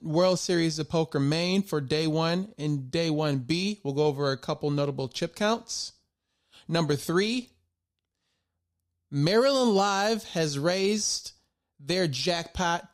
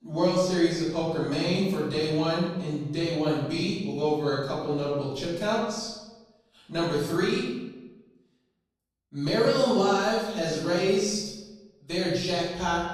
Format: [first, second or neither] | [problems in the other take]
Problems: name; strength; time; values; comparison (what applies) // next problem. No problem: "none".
first | off-mic speech; far // room echo; noticeable; dies away in 0.9 s